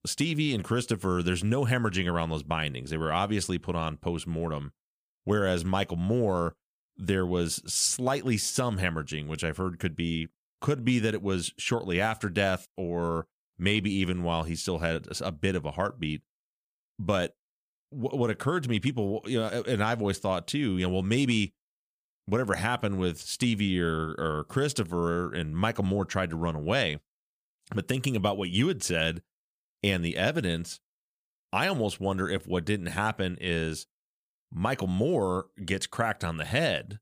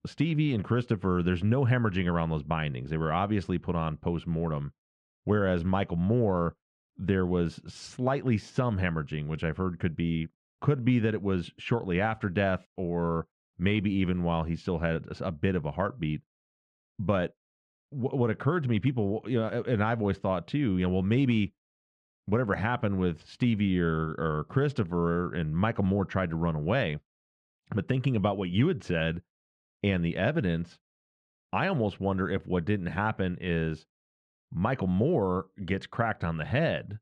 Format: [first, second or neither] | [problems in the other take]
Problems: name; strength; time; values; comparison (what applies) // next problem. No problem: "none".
first | muffled; very; fading above 2 kHz